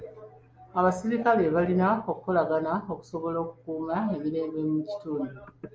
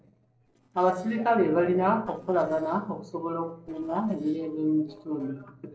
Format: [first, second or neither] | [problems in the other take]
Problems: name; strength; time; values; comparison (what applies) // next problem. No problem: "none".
first | noise reduction (neural separator model SepFormer DNS4)